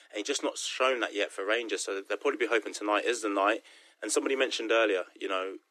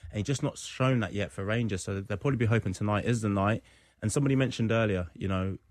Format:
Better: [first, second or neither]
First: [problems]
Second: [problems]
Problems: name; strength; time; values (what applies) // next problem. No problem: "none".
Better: second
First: thin; very; fading below 300 Hz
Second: none